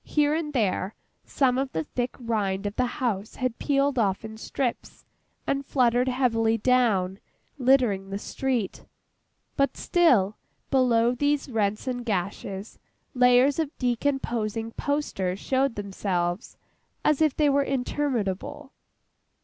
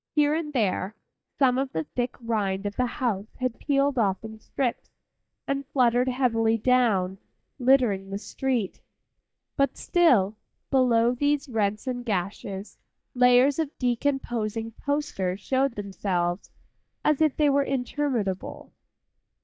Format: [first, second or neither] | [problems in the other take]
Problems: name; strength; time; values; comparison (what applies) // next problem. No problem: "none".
first | noise reduction (neural mask model DeepFilterNet 3)